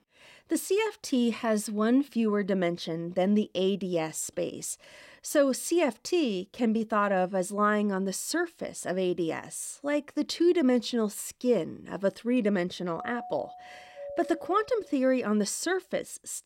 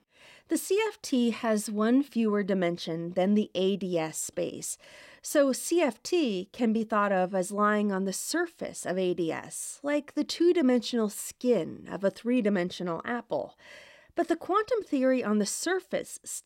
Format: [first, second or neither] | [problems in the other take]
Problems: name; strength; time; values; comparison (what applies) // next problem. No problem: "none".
second | doorbell; faint; from 13 to 15 s; peak 10 dB below the speech